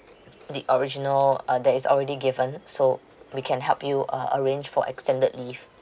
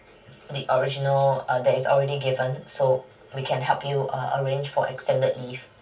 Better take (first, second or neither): first